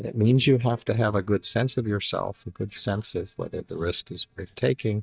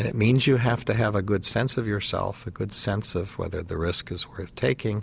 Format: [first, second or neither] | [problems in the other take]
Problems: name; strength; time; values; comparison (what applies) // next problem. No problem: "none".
second | noise reduction (neural mask model DeepFilterNet 3)